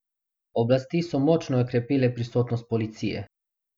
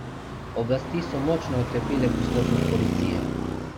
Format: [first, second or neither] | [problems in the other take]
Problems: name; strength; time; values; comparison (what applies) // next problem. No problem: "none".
first | background sound (Traffic noise, roadway noise); 1 dB above the speech